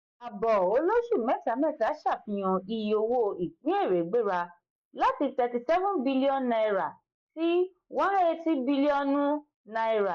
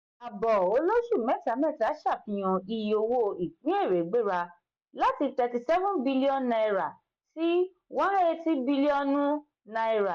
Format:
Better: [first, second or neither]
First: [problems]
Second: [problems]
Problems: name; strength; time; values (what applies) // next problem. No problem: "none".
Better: second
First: noise reduction (neural mask model Resemble Enhance denoiser)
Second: none